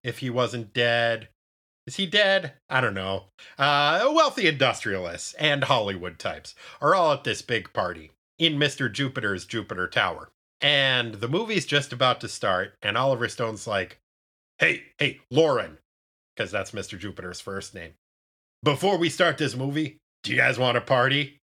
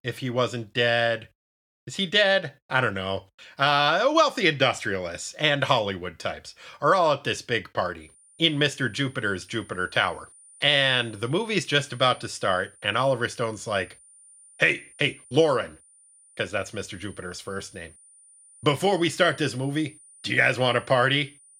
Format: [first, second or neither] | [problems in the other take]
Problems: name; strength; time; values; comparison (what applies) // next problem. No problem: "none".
first | high-pitched whine; faint; from 8 s on; 9.5 kHz, 25 dB below the speech